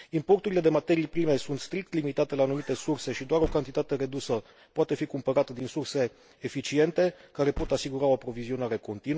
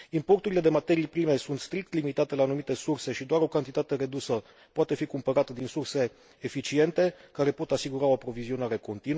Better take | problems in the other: second | background sound (Car + Zipper (clothing)); 13 dB below the speech

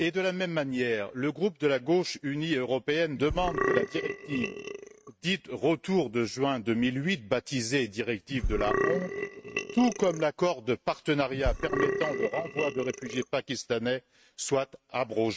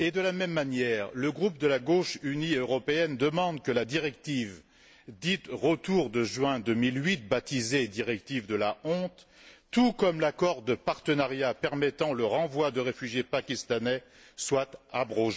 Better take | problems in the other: second | noise reduction (neural mask model RNNoise)

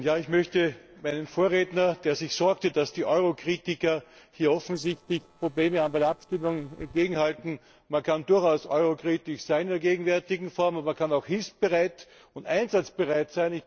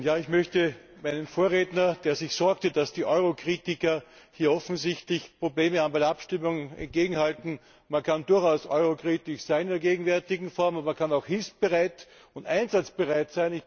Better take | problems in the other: second | noise reduction (neural separator model SepFormer DNS4)

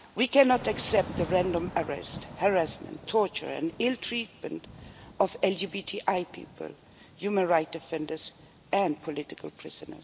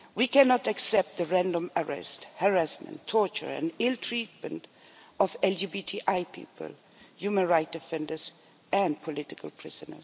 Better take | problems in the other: second | background sound (Thunder / Rain); 15 dB below the speech

